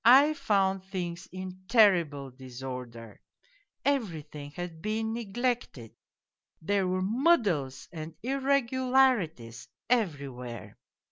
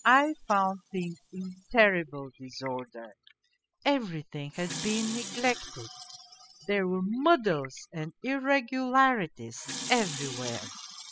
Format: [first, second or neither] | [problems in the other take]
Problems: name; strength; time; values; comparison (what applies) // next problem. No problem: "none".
first | noise reduction (classical method spectral subtraction)